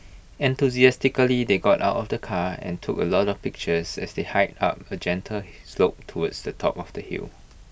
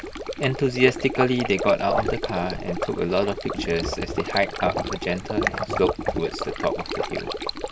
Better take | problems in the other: first | background sound (Stream); 4 dB below the speech

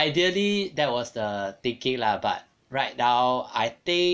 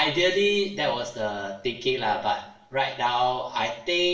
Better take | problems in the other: first | room echo; dies away in 0.7 s

